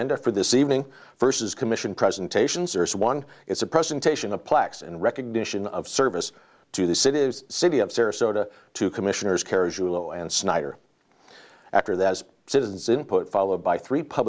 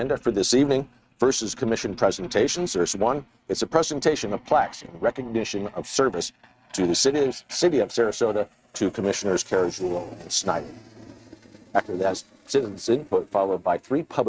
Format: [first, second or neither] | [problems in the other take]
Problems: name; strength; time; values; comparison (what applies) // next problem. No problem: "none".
first | noise reduction (neural mask model RNNoise)